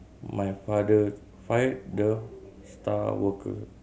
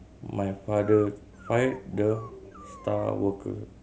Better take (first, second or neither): first